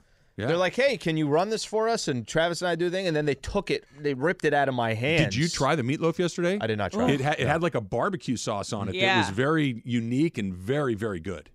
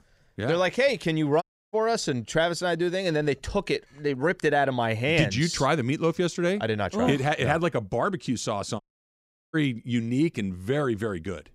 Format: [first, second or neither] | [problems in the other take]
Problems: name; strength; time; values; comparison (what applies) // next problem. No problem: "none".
first | audio cutting out; at 1.5 s and at 9 s for 0.5 s